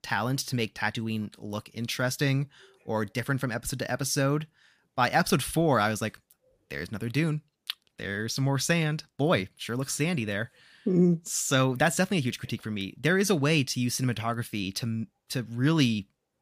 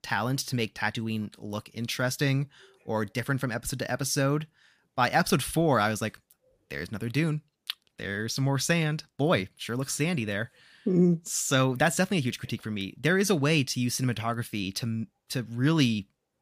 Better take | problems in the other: neither | none

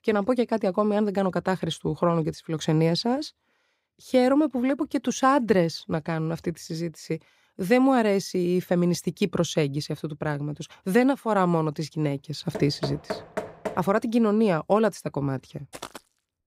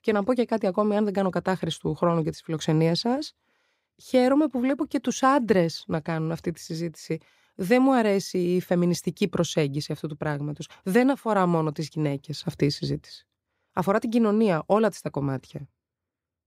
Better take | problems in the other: second | door banging; noticeable; from 13 to 14 s; peak 8 dB below the speech // footsteps; faint; at 16 s; peak 15 dB below the speech

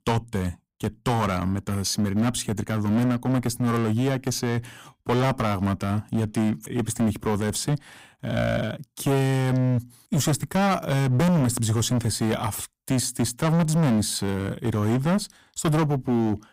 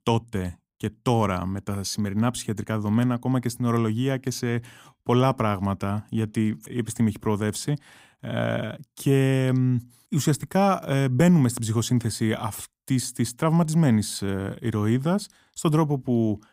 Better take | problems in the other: second | distortion; heavy; 15% of the sound clipped

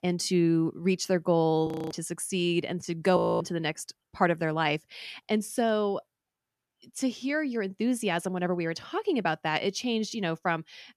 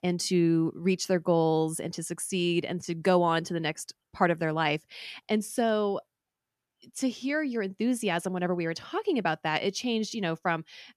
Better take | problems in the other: second | audio freezing; at 1.5 s and at 3 s

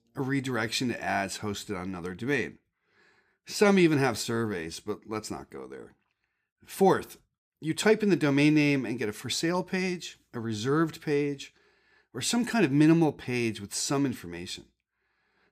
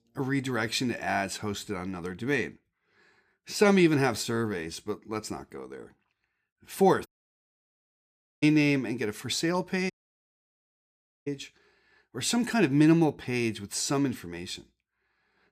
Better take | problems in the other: first | audio cutting out; at 7 s for 1.5 s and at 10 s for 1.5 s

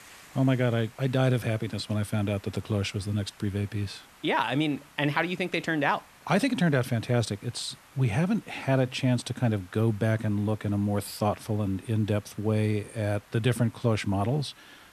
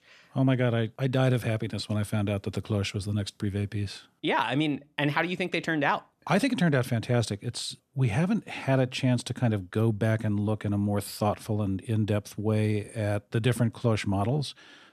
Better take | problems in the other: second | hiss; faint; throughout; 25 dB below the speech

